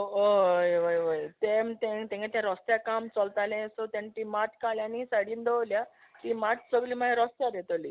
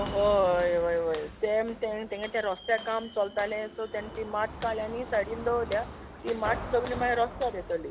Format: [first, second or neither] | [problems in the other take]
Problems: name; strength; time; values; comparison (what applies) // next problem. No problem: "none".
first | background sound (Walk, footsteps); 12 dB below the speech